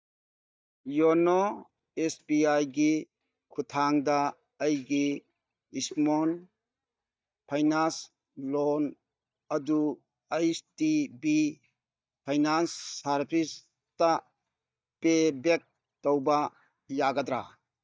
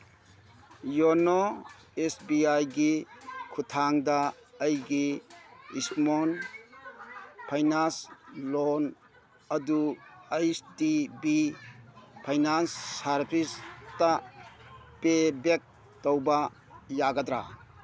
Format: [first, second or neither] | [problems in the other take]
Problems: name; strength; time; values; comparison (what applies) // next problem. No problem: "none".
second | noise reduction (neural mask model DeepFilterNet 3)